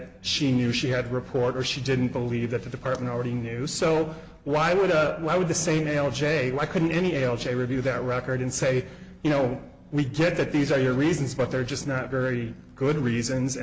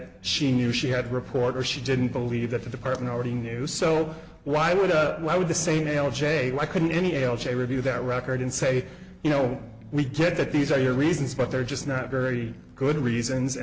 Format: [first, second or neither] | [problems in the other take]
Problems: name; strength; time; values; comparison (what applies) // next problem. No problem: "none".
first | background sound (Electric guitar); 19 dB below the speech